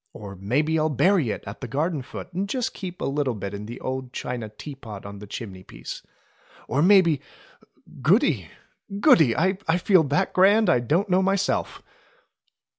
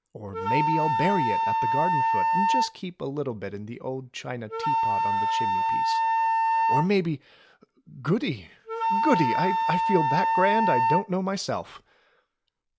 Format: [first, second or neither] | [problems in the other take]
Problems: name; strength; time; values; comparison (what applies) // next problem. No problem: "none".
first | background sound (Wind instrument, woodwind instrument); 3 dB above the speech